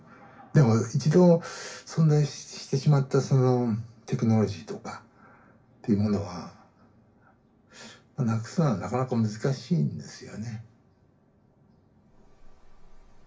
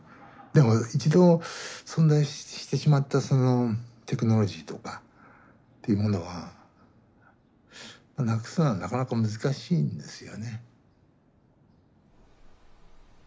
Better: second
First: room echo; dies away in 0.2 s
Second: none

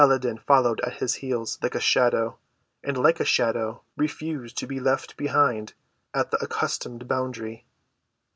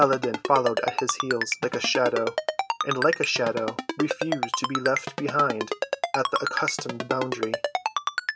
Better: first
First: none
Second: background sound (Ringtone); 3 dB below the speech

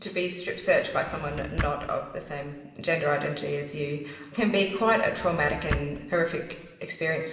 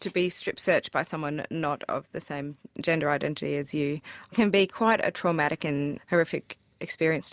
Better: second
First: background sound (Drawer open or close); 9 dB below the speech // room echo; dies away in 1.2 s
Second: none

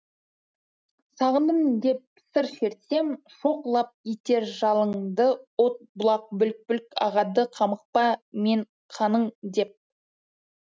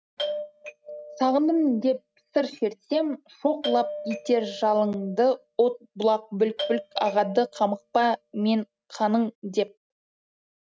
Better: first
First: none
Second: noise reduction (neural mask model RNNoise)

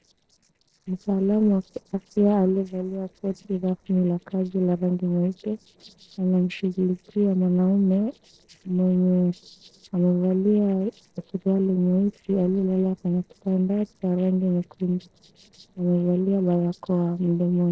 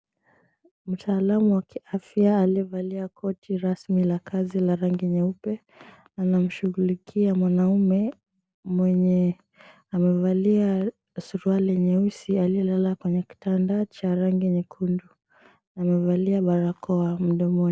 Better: second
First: noise reduction (neural separator model SepFormer DNS4)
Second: none

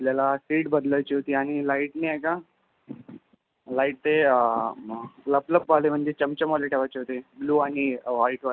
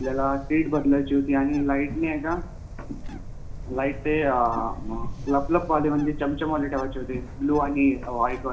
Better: first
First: none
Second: background sound (Bird); 9 dB below the speech // room echo; dies away in 0.4 s

